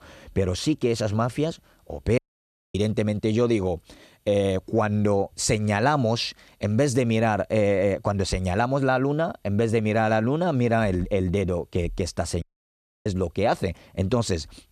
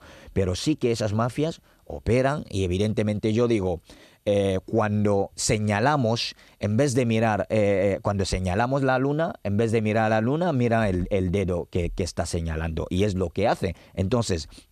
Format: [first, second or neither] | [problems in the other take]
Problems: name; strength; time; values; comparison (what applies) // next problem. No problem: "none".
second | audio cutting out; at 2 s for 0.5 s and at 12 s for 0.5 s